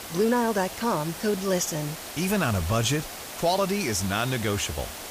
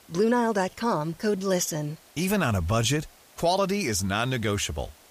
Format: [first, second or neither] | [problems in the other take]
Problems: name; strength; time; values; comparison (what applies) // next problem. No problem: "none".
second | hiss; loud; throughout; 10 dB below the speech; faint in the second